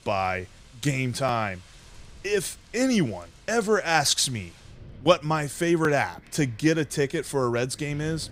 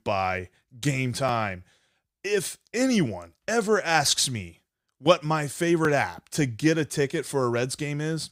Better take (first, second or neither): second